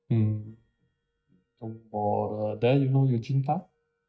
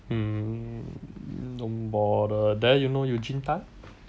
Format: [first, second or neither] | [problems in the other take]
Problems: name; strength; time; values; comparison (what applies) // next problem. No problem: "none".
second | noise reduction (neural mask model DeepFilterNet 3)